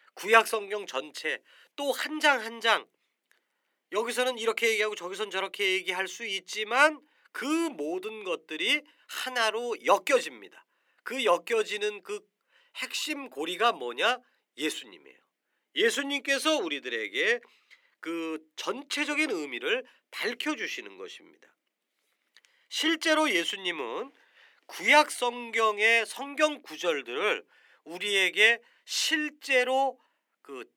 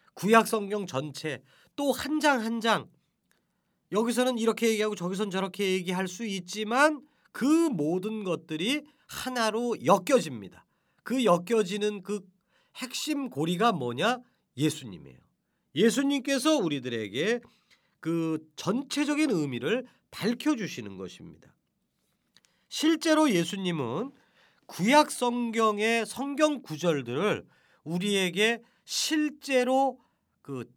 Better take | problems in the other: second | thin; somewhat; fading below 350 Hz

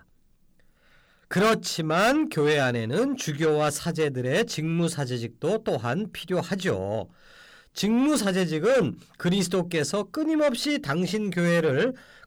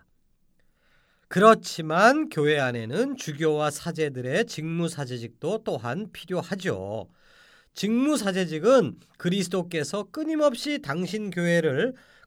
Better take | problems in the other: second | distortion; heavy; 7 dB below the speech

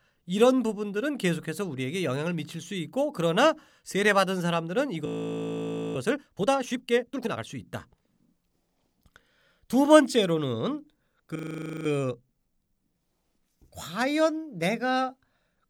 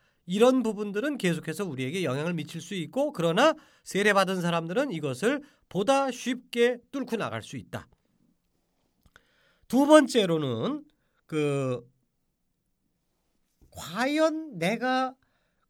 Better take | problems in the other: second | audio freezing; at 5 s for 1 s and at 11 s

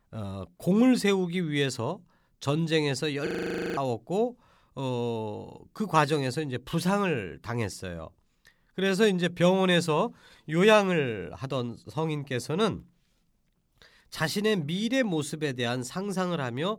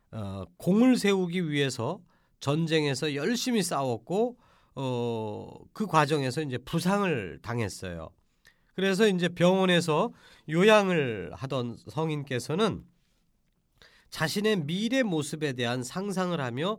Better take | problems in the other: second | audio freezing; at 3.5 s for 0.5 s

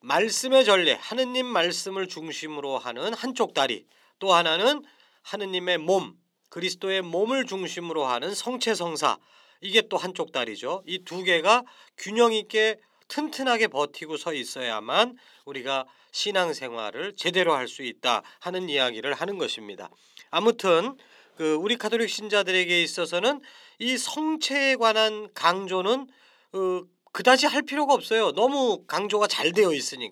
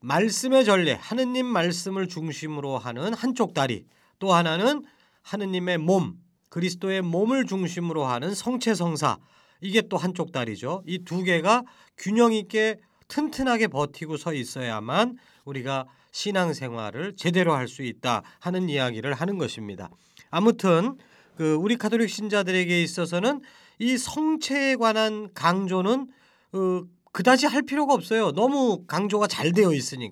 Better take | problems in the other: second | thin; somewhat; fading below 400 Hz

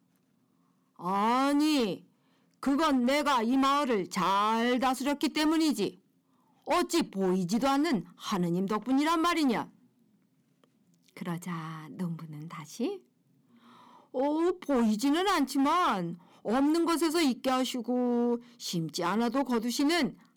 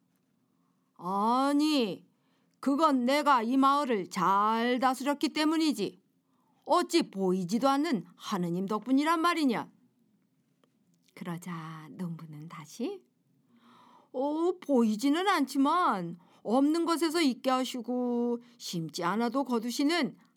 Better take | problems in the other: second | distortion; slight; 11% of the sound clipped

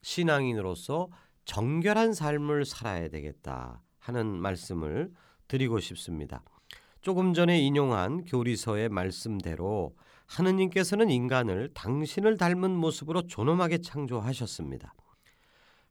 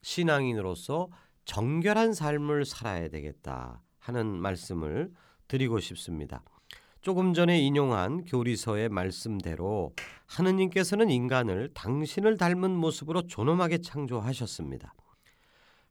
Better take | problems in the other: first | keyboard typing; faint; at 10 s; peak 15 dB below the speech

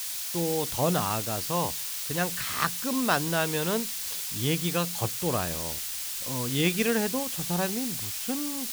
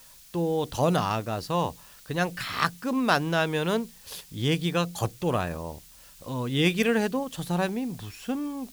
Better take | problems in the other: second | hiss; loud; throughout; 1 dB below the speech; faint in the second

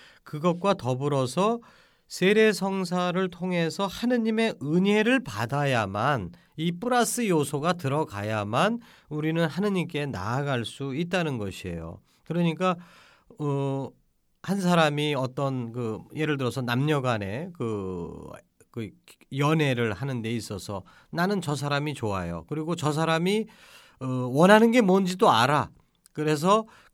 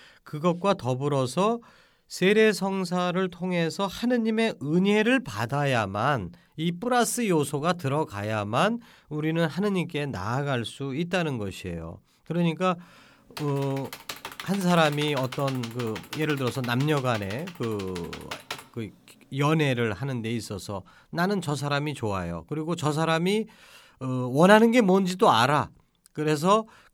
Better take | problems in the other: first | keyboard typing; faint; from 13 to 19 s; peak 10 dB below the speech

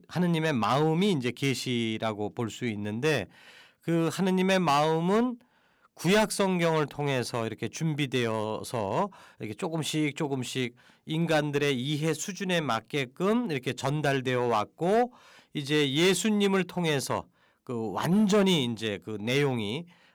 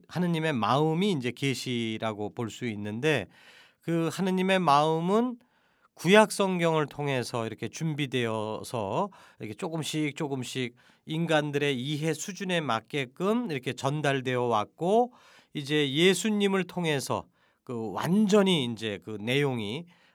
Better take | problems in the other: second | distortion; slight; 4% of the sound clipped

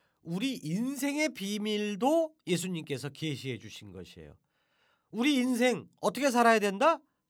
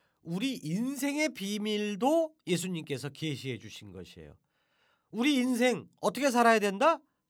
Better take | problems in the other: neither | none

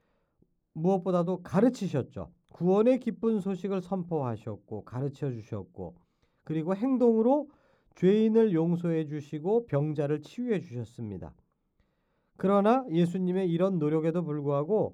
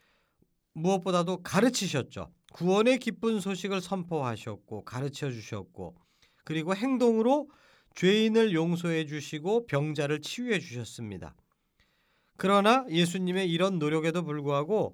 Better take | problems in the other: second | muffled; slightly; fading above 1.5 kHz

